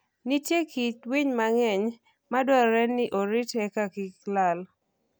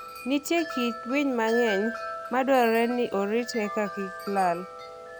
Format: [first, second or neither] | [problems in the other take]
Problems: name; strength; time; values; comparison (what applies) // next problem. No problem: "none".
first | background sound (Wind chime); 11 dB below the speech